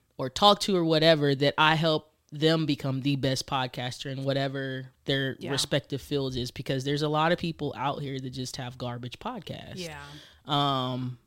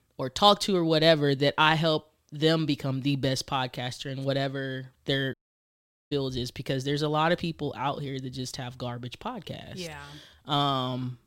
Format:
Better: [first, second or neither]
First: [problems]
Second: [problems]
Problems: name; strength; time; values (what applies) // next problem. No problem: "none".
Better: first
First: none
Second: audio cutting out; at 5.5 s for 1 s